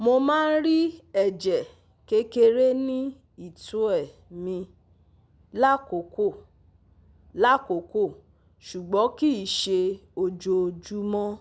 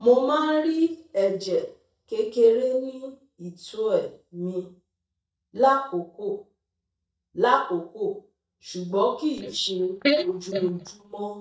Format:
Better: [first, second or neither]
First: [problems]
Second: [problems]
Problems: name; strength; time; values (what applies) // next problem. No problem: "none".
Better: first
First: none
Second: noise reduction (neural mask model DeepFilterNet 3)